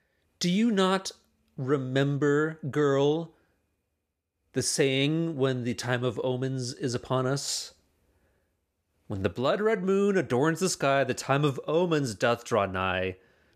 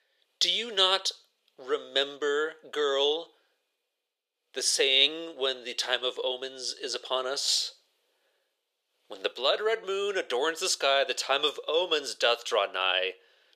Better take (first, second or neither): first